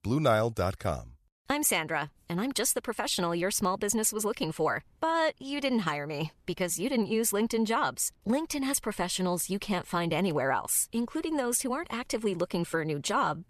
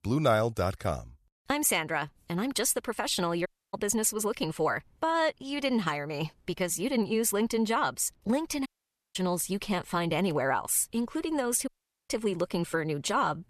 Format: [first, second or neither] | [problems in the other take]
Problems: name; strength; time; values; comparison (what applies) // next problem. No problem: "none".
first | audio cutting out; at 3.5 s, at 8.5 s and at 12 s